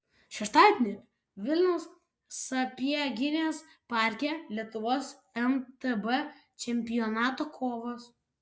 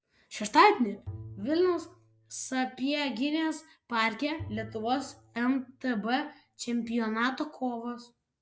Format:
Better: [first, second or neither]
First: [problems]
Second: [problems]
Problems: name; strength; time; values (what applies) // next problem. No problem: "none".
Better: first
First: none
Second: background sound (Bowed string instrument); 19 dB below the speech